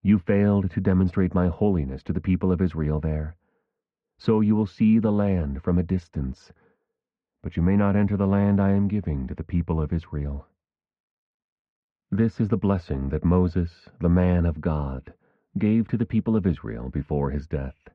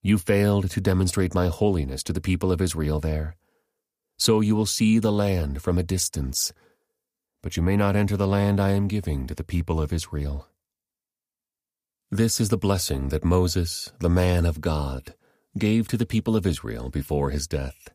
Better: second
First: muffled; very; fading above 2 kHz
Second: none

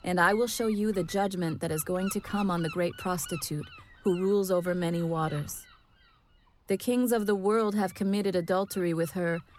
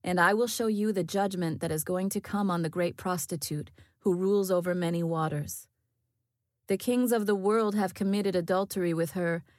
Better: second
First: wind noise on the microphone; occasional gusts; 15 dB below the speech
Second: none

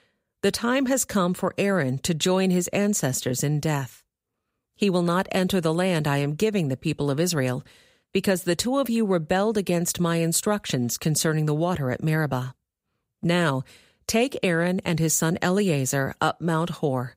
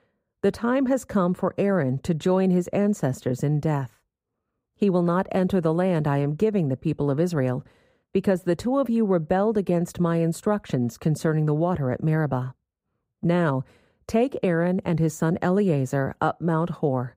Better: first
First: none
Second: muffled; very; fading above 2 kHz

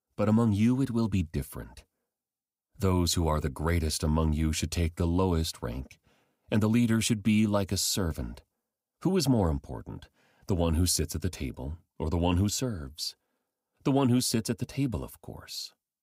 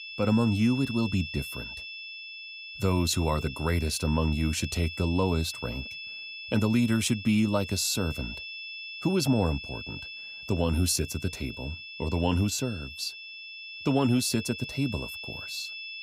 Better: first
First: none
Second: high-pitched whine; loud; throughout; 2.5 kHz, 10 dB below the speech

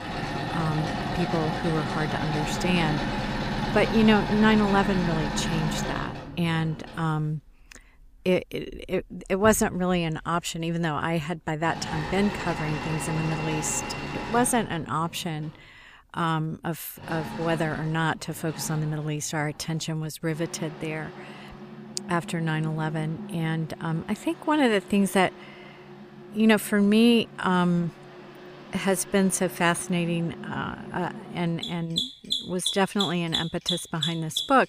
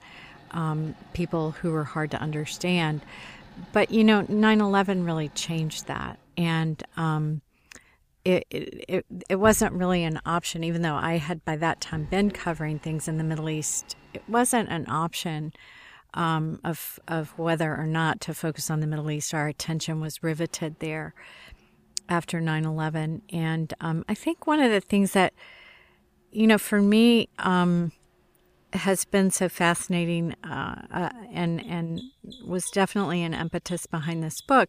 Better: second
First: machinery noise; loud; throughout; 6 dB below the speech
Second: machinery noise; faint; throughout; 25 dB below the speech

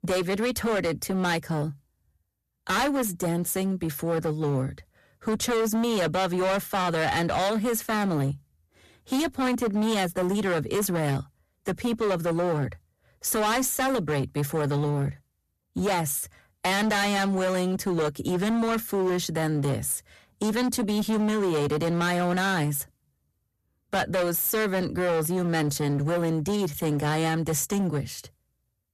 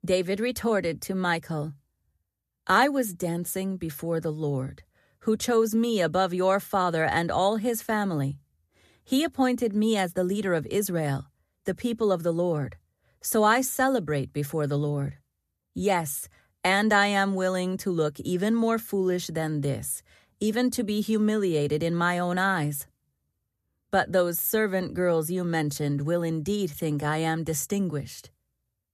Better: second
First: distortion; heavy; 23% of the sound clipped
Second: none

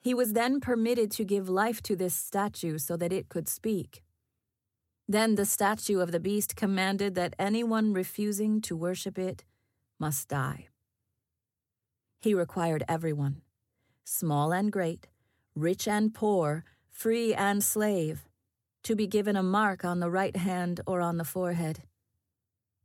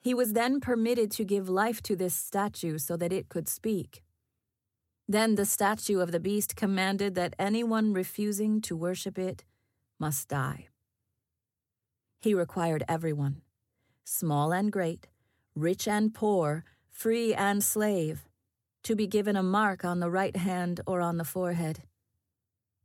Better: neither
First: none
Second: none

